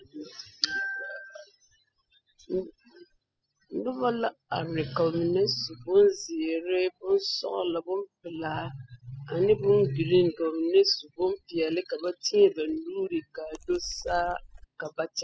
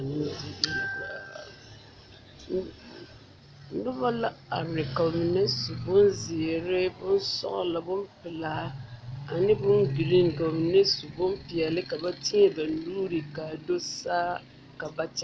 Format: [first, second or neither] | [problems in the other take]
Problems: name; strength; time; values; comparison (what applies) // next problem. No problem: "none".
second | noise reduction (classical method spectral subtraction)